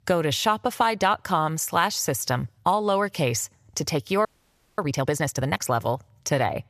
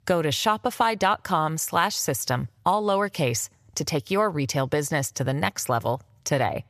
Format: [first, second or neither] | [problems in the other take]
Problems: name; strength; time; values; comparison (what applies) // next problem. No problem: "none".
second | audio freezing; at 4.5 s for 0.5 s